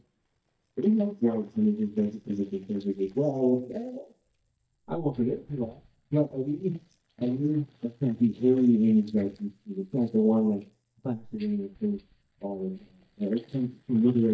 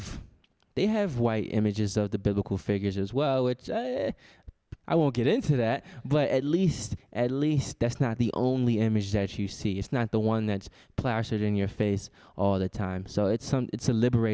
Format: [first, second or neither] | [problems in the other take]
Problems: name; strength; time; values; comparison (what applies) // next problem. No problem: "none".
second | noise reduction (neural mask model DeepFilterNet 3)